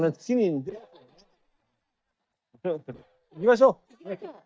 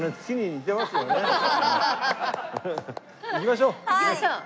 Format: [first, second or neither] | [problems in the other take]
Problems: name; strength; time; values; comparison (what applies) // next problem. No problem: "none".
second | noise reduction (neural mask model DeepFilterNet 3)